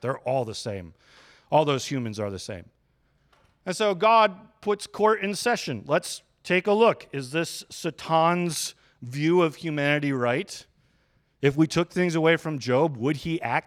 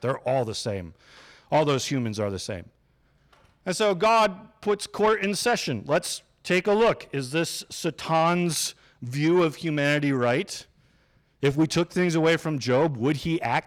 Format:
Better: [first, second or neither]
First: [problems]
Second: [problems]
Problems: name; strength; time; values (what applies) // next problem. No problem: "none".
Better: first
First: none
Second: distortion; slight; 10 dB below the speech